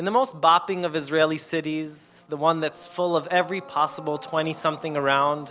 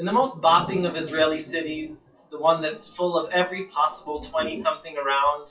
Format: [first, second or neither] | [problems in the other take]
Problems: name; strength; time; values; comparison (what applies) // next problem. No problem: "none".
first | noise reduction (classical method WPE with log-MMSE)